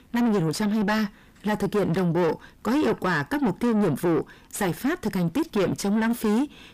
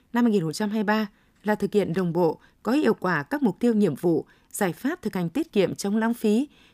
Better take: second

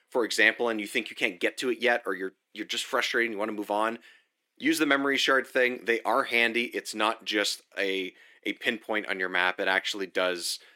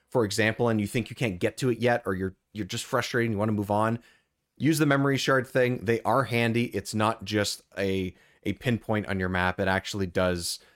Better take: second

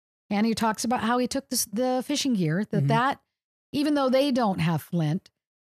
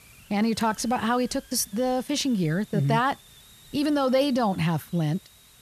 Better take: first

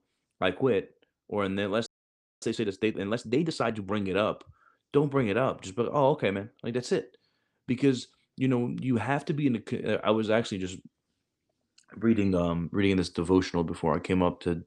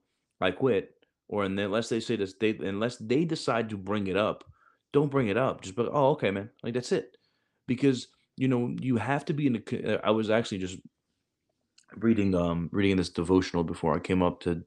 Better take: second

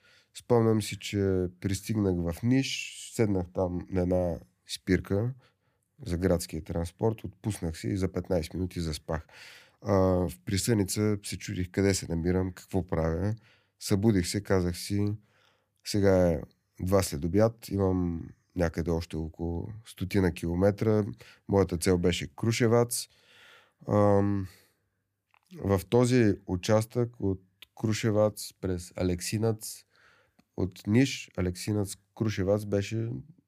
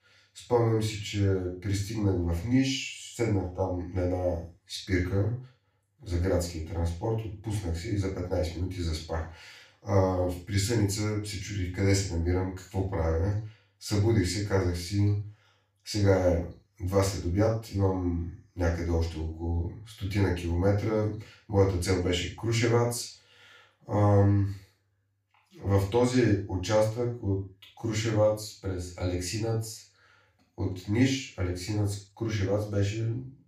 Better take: first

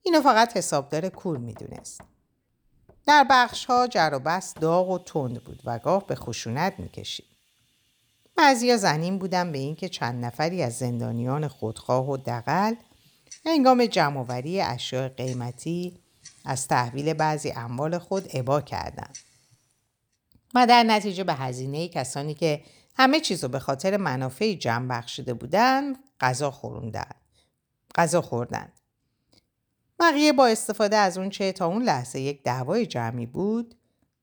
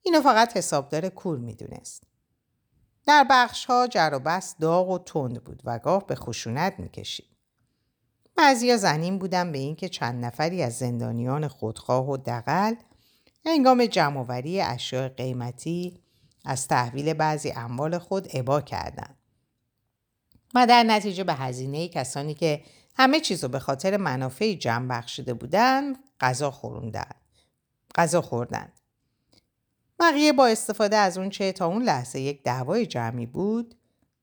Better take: second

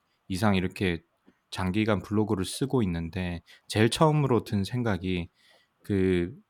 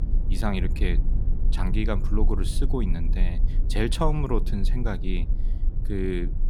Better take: first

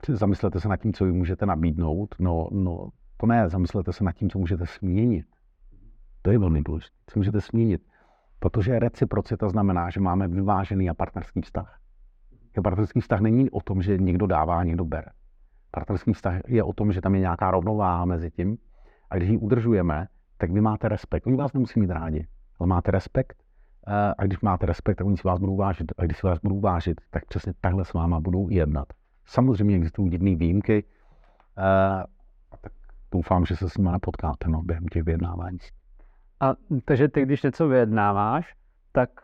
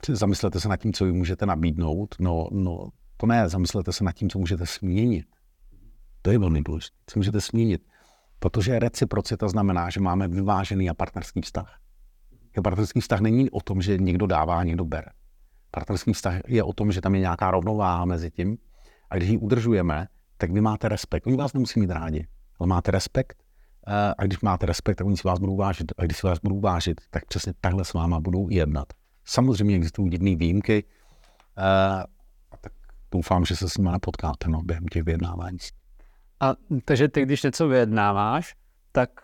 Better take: second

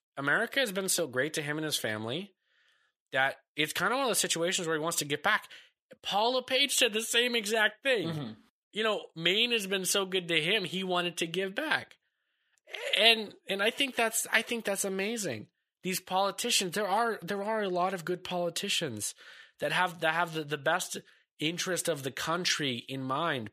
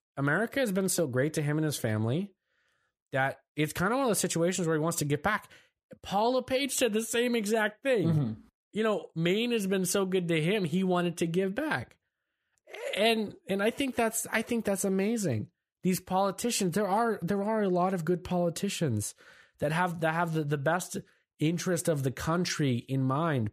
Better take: second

